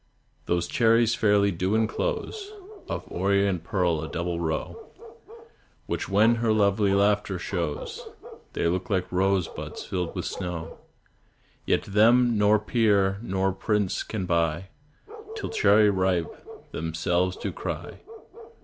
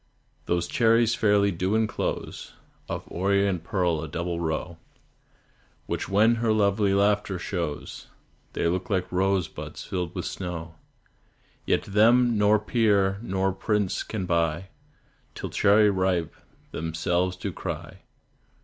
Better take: second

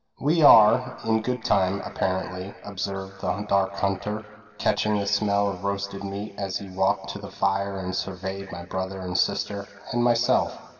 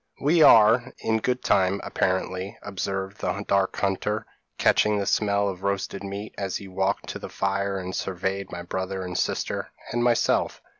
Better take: second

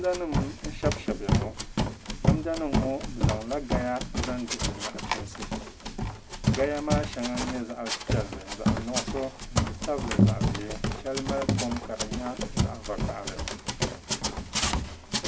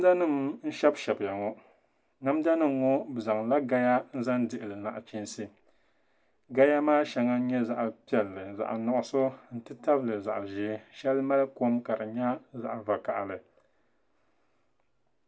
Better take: second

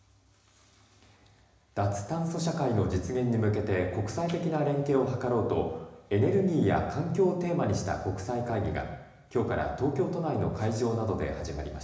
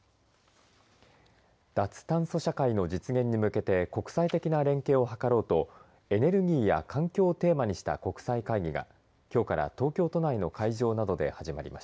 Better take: second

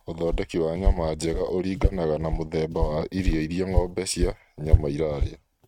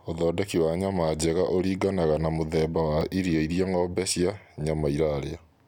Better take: second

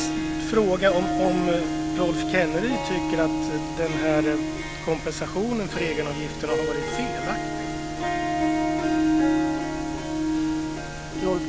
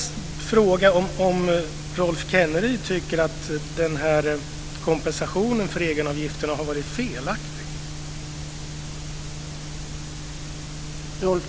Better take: second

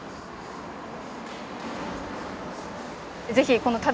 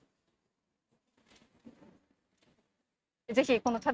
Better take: first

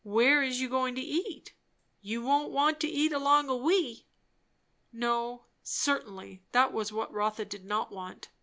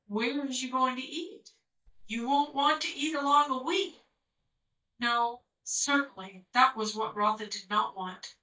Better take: first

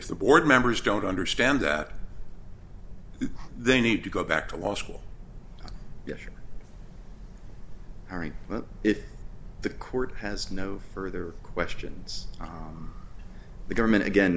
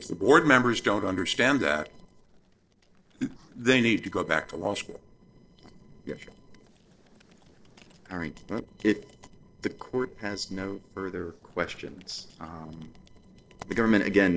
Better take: first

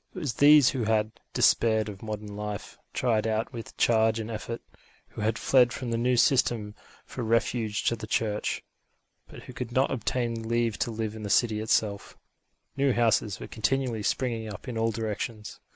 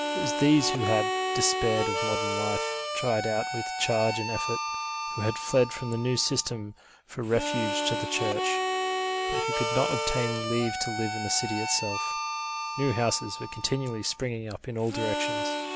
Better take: first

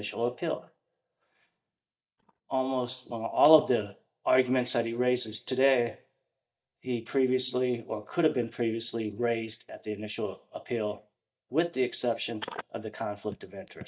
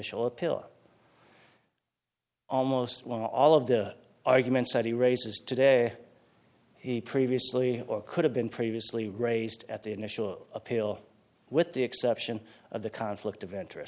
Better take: second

